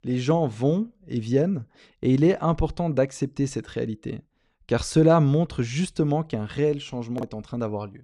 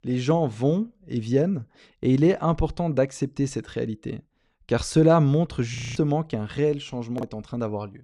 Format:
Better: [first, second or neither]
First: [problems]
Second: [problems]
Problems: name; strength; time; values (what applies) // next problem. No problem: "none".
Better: first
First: none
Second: audio freezing; at 6 s